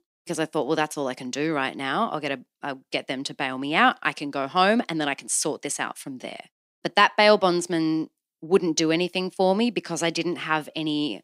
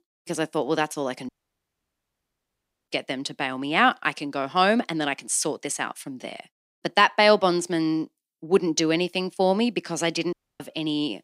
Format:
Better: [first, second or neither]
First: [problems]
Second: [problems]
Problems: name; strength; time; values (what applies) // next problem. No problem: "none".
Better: first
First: none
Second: audio cutting out; at 1.5 s for 1.5 s and at 10 s